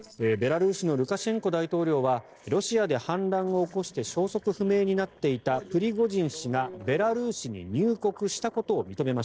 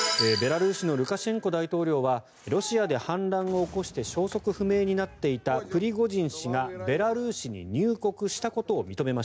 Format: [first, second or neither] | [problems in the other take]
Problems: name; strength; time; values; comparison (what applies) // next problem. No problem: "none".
second | noise reduction (neural separator model SepFormer DNS4)